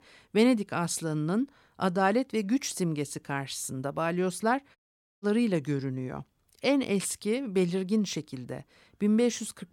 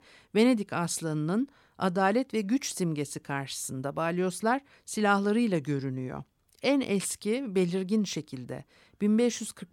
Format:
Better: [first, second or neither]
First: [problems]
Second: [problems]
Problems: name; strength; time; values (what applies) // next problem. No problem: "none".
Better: second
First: audio cutting out; at 5 s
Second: none